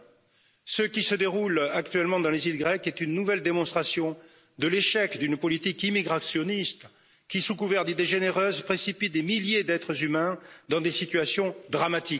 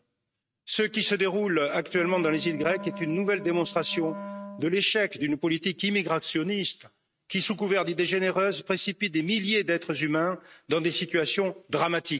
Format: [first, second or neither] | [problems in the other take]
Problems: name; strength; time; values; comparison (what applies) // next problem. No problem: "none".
first | noise reduction (neural mask model RNNoise)